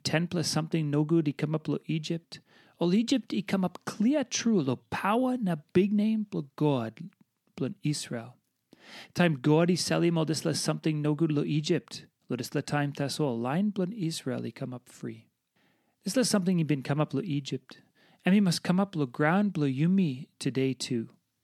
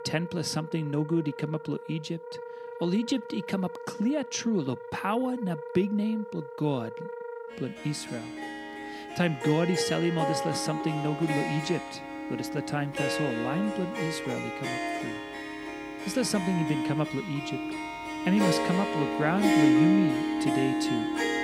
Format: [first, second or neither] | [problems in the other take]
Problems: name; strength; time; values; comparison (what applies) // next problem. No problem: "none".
first | background music; loud; throughout; 2 dB below the speech